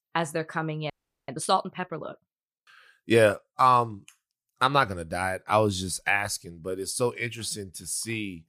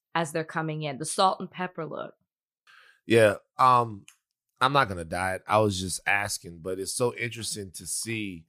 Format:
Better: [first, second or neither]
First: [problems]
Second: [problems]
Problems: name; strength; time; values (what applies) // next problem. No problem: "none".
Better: second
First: audio freezing; at 1 s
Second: none